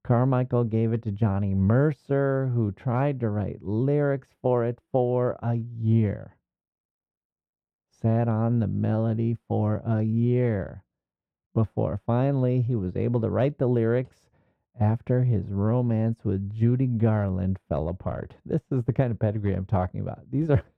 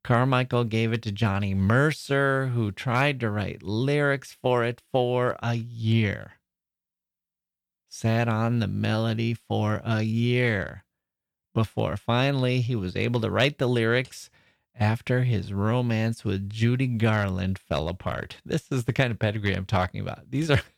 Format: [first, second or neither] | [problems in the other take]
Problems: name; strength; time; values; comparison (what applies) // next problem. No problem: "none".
second | muffled; very; fading above 1.5 kHz